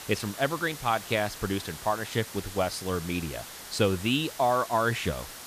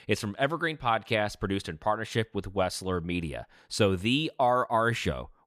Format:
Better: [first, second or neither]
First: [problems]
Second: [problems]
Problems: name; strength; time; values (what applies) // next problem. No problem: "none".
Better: second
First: hiss; noticeable; throughout; 10 dB below the speech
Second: none